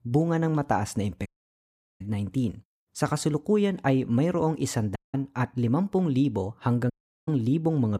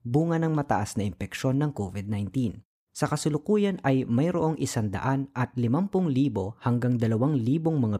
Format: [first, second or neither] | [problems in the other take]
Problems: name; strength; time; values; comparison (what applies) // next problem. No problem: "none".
second | audio cutting out; at 1.5 s for 0.5 s, at 5 s and at 7 s